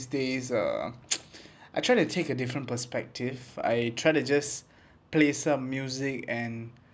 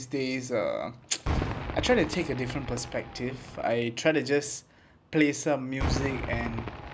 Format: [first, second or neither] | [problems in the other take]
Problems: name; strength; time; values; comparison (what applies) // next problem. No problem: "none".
first | background sound (Cheering / Fireworks); 6 dB below the speech